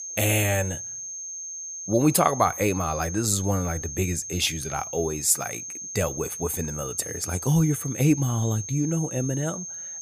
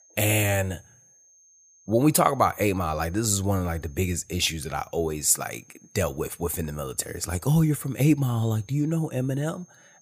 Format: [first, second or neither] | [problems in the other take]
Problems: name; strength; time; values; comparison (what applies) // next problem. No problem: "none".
second | high-pitched whine; loud; throughout; 6.5 kHz, 8 dB below the speech; faint in the second